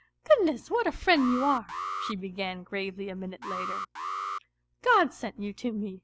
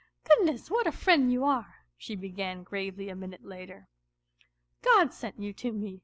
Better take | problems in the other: second | background sound (Alarm); 7 dB below the speech

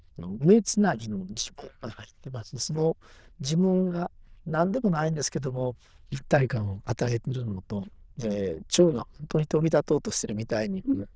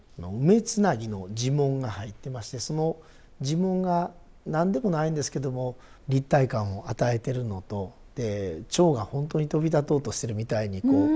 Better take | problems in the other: second | noise reduction (neural diffusion model UNIVERSE++)

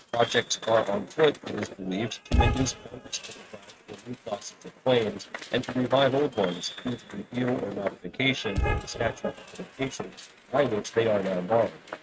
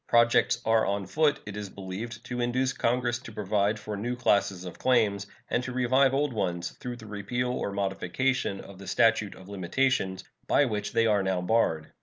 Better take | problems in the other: second | noise reduction (neural mask model RNNoise)

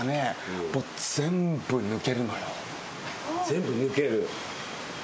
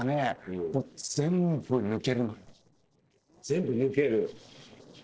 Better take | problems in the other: first | noise reduction (neural separator model SepFormer DNS4)

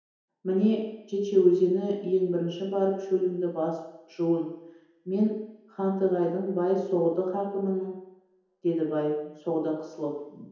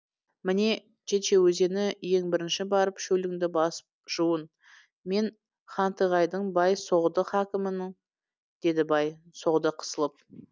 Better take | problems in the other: second | room echo; dies away in 1 s

